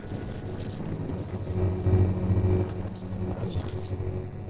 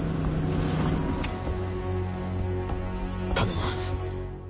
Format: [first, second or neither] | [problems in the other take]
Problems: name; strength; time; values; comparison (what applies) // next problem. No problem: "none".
second | noise reduction (neural separator model SepFormer DNS4)